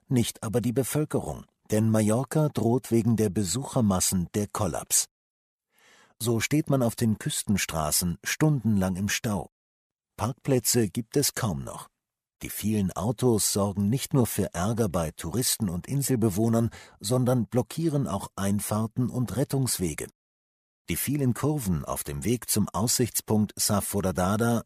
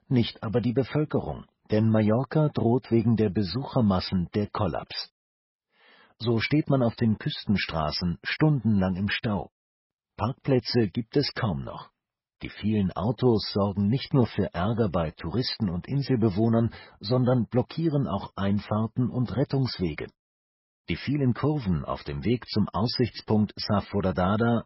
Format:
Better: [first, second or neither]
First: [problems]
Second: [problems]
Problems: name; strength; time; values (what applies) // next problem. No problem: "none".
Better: first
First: none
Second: garbled, watery; badly; nothing above 5.5 kHz